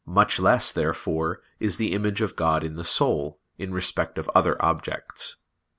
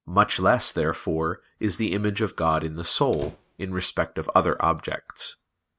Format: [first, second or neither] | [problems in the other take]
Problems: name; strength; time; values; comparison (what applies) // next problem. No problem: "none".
first | noise reduction (neural mask model RNNoise)